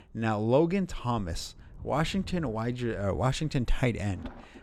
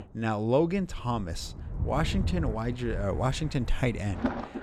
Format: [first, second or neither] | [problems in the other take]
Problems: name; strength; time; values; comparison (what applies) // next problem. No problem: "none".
first | rain or running water; loud; throughout; 6 dB below the speech; faint in the first